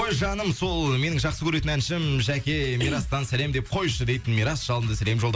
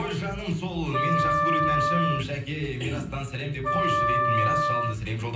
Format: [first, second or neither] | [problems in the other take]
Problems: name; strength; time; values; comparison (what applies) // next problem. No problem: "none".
first | background sound (Wind instrument, woodwind instrument); 2 dB above the speech // room echo; dies away in 0.6 s